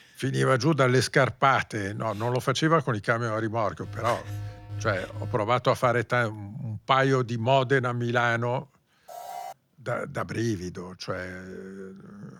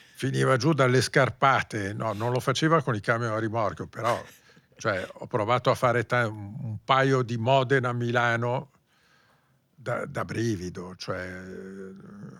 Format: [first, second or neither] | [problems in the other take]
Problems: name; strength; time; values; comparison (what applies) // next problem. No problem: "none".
second | alarm; faint; from 4 to 5.5 s and at 9 s; peak 10 dB below the speech